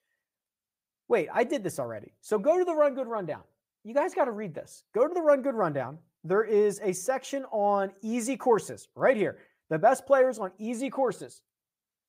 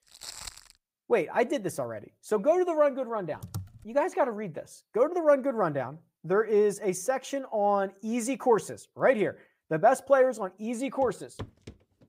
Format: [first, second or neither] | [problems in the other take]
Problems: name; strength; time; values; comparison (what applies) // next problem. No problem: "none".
first | footsteps; faint; at the start and at 11 s; peak 10 dB below the speech // keyboard typing; faint; at 3.5 s; peak 15 dB below the speech